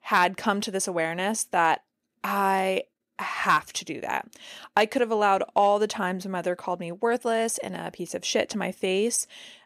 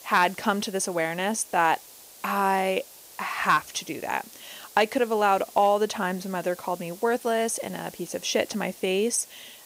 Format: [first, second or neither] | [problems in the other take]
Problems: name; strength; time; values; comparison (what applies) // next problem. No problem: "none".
first | hiss; noticeable; throughout; 20 dB below the speech